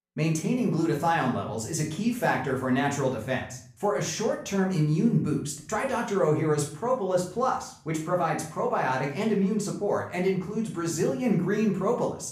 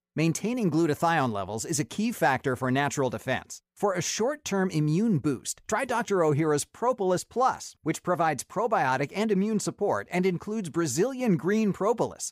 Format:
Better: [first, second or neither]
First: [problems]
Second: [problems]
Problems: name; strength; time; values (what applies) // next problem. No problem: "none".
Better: second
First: room echo; slight; dies away in 0.5 s // off-mic speech; far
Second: none